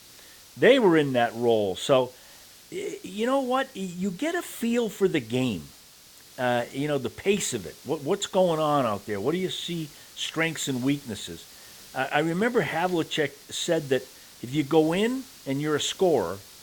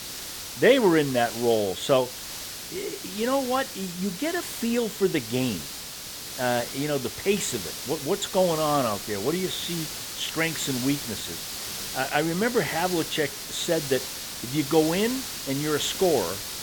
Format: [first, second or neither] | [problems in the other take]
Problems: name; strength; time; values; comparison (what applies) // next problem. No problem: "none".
first | hiss; loud; throughout; 7 dB below the speech; faint in the first